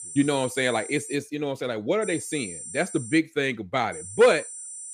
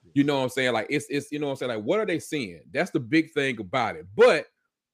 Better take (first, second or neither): second